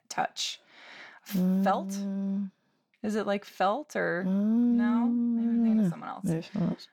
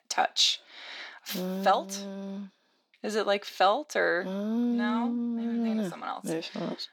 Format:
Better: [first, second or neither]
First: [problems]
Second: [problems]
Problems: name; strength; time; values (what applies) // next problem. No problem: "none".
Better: first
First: none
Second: thin; somewhat; fading below 300 Hz